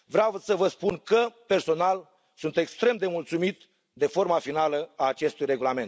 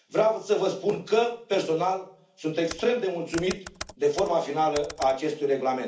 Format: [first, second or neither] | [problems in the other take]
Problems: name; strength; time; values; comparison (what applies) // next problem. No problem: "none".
first | background sound (Computer keyboard); 16 dB below the speech // room echo; dies away in 0.4 s